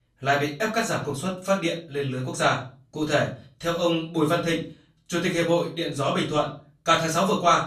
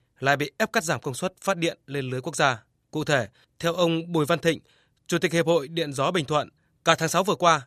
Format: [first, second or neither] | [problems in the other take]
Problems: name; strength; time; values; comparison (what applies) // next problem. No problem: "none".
second | off-mic speech; far // room echo; slight; dies away in 0.3 s